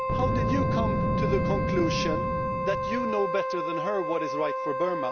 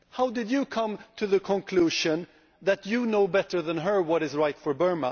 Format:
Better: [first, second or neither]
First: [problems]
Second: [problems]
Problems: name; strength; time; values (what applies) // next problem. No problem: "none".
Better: second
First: background sound (Wind instrument, woodwind instrument + Boom); 3 dB above the speech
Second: none